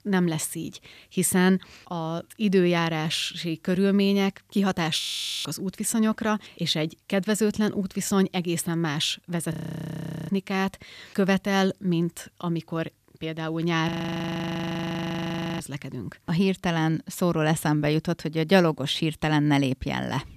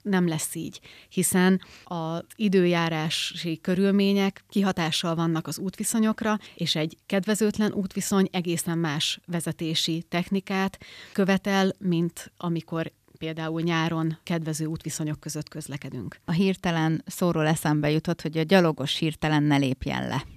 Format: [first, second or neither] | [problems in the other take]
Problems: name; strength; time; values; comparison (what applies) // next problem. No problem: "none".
second | audio freezing; at 5 s, at 9.5 s for 1 s and at 14 s for 1.5 s